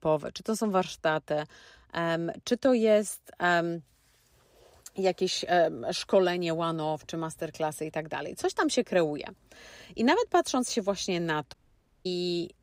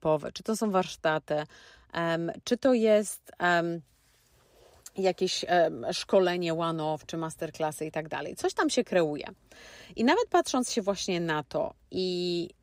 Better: second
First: audio cutting out; at 12 s for 0.5 s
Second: none

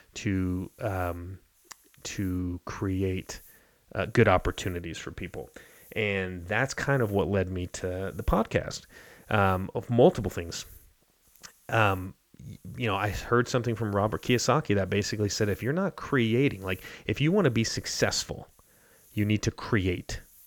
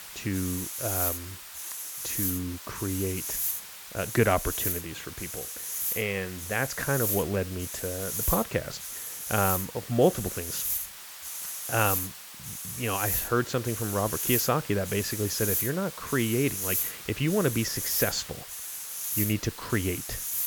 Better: first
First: hiss; faint; throughout; 30 dB below the speech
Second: hiss; loud; throughout; 1 dB below the speech

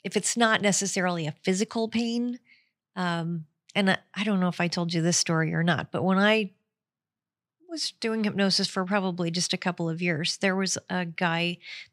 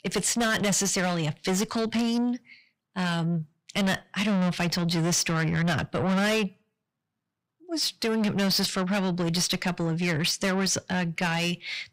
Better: first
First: none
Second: distortion; heavy; 6 dB below the speech

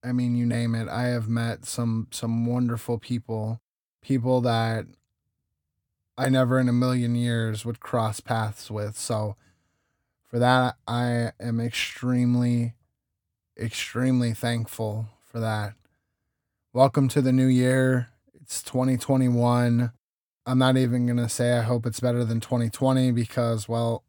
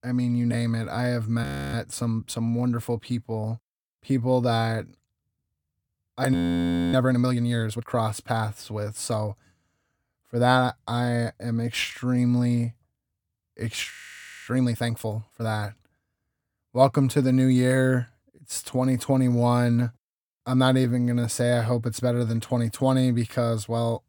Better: first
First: none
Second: audio freezing; at 1.5 s, at 6.5 s for 0.5 s and at 14 s for 0.5 s

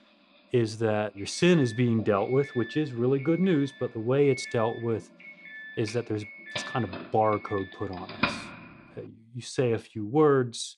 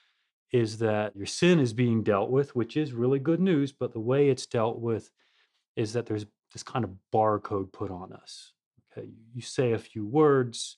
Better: second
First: doorbell; noticeable; from 4.5 to 8.5 s; peak 2 dB below the speech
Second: none

